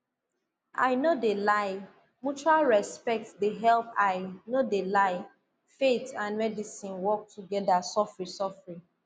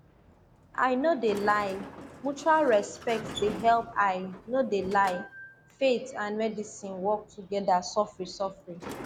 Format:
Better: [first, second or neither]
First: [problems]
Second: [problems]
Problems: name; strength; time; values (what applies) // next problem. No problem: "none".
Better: first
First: none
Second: background sound (Sliding door); 16 dB below the speech